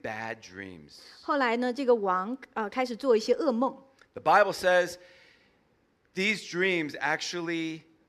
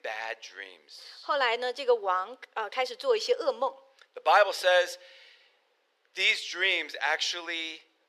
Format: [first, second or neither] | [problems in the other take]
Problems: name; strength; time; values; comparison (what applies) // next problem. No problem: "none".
first | thin; very; fading below 500 Hz